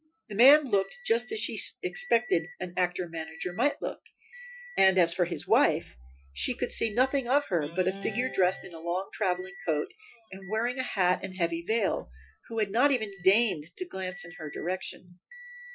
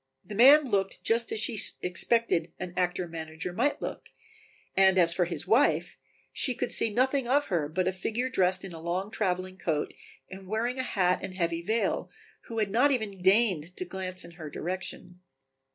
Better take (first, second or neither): second